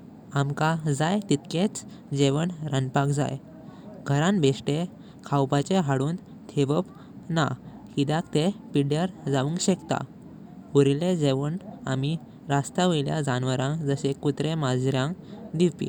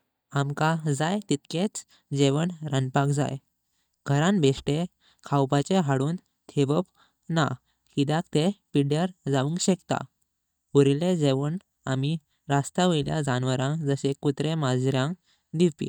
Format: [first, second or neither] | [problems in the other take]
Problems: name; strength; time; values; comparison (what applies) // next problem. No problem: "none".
first | noise reduction (neural mask model DeepFilterNet 3)